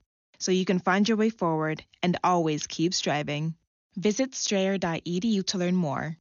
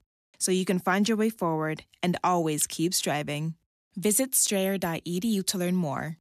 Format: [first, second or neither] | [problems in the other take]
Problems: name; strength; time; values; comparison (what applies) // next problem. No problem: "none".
second | garbled, watery; slightly; nothing above 6.5 kHz